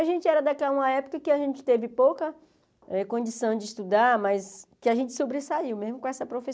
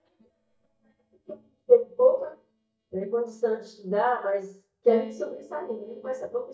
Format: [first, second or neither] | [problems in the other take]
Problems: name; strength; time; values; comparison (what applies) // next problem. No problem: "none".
first | noise reduction (neural mask model DeepFilterNet 3)